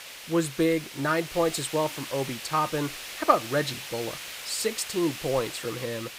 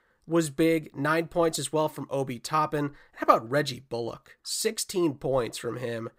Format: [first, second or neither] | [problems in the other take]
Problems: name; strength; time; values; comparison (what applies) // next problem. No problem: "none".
second | hiss; loud; throughout; 9 dB below the speech